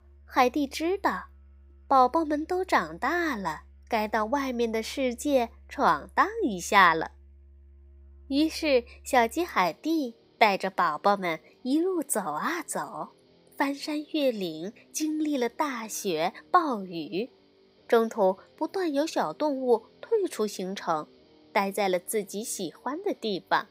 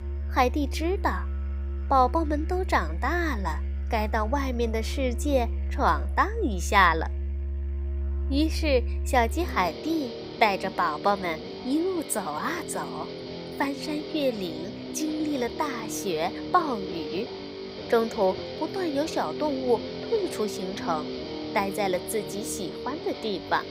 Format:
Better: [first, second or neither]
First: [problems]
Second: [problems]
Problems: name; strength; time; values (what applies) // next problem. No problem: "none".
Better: first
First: background music; faint; throughout; 30 dB below the speech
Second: background music; loud; throughout; 6 dB below the speech